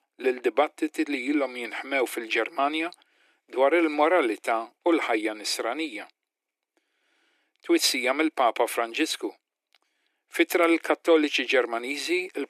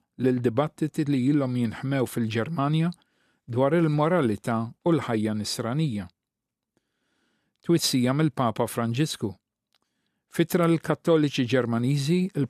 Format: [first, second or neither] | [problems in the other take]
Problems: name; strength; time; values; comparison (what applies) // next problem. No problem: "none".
second | thin; very; fading below 300 Hz